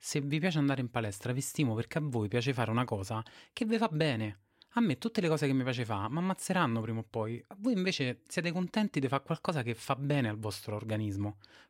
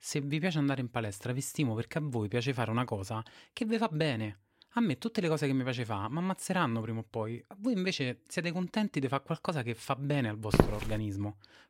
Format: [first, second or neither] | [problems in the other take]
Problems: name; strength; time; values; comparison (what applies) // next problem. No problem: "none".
first | footsteps; loud; at 11 s; peak 5 dB above the speech